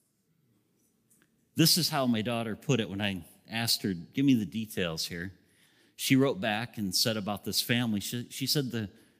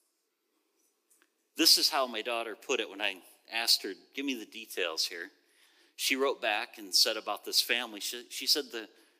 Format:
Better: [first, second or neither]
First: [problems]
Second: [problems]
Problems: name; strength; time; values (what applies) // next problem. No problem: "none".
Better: first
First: none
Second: thin; very; fading below 350 Hz